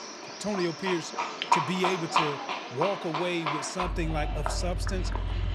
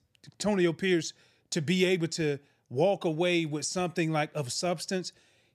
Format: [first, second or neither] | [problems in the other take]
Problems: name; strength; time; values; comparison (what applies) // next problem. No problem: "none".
second | animal sounds; very loud; throughout; 1 dB above the speech